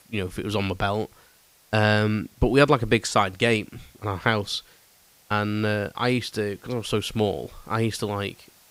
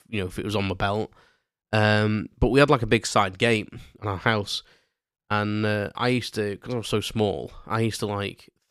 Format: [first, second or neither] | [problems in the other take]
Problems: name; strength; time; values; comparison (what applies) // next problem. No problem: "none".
second | hiss; faint; throughout; 30 dB below the speech